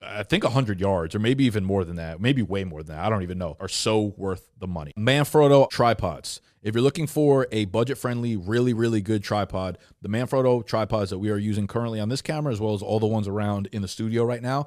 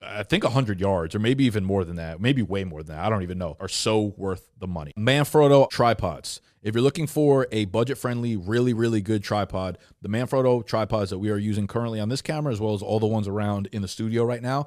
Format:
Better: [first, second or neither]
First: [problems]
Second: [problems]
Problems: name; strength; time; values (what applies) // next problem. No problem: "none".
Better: neither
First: none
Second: none